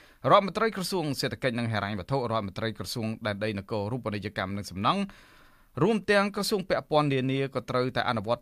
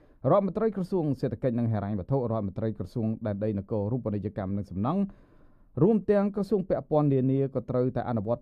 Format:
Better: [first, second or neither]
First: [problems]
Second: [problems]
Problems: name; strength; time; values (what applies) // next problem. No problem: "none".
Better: first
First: none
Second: muffled; very; fading above 1 kHz